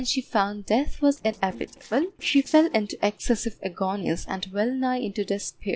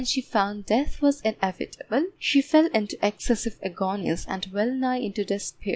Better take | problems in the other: second | noise reduction (neural separator model SepFormer DNS4)

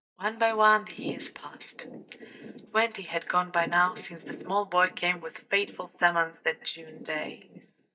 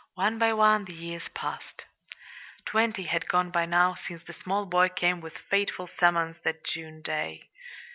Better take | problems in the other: second | noise reduction (neural mask model DeepFilterNet 3)

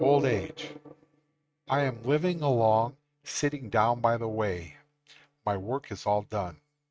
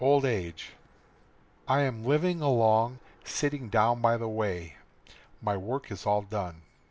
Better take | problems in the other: second | noise reduction (neural mask model RNNoise)

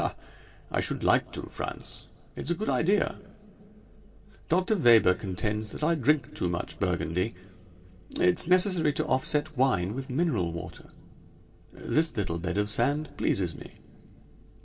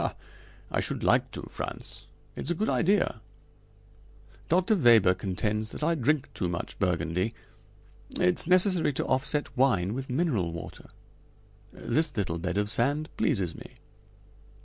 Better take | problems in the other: second | room echo; dies away in 1.9 s

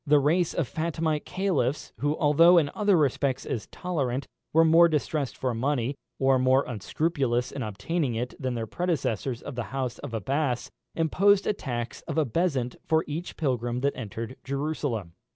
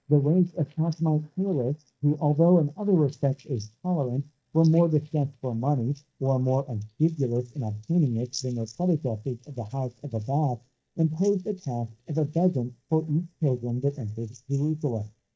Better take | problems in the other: first | noise reduction (neural mask model DeepFilterNet 3)

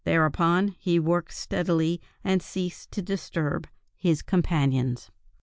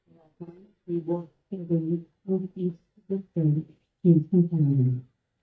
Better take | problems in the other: first | noise reduction (neural mask model DeepFilterNet 3)

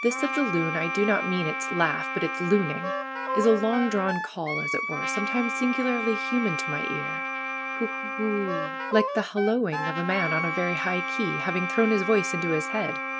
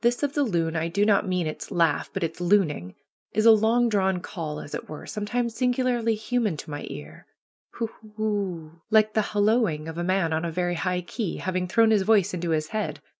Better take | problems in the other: second | background sound (Wind instrument, woodwind instrument + Trumpet); 3 dB below the speech

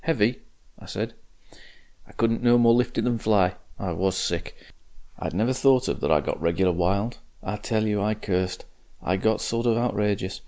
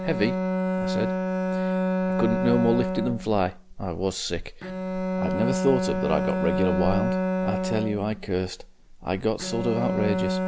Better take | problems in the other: first | background sound (Bowed string instrument); as loud as the speech

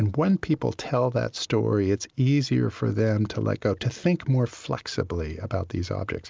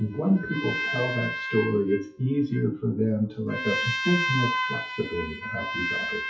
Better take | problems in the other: first | noise reduction (classical method WPE with log-MMSE)

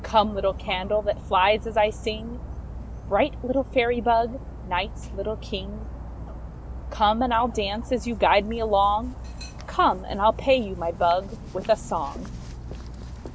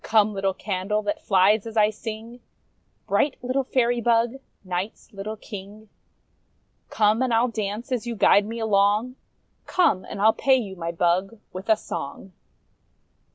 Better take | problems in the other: second | background sound (Dog); 11 dB below the speech

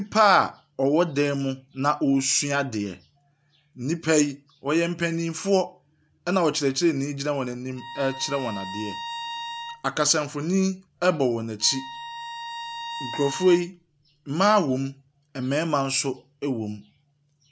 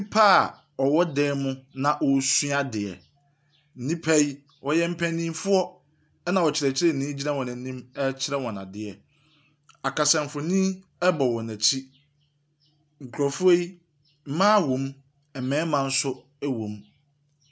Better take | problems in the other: second | background sound (Bowed string instrument); 12 dB below the speech

